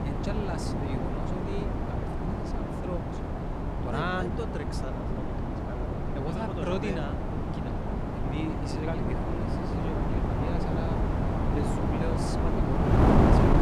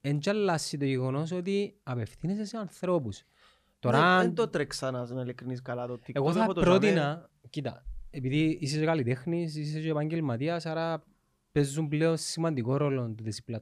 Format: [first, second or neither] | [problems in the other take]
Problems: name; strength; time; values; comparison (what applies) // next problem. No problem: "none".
second | wind noise on the microphone; heavy; 5 dB above the speech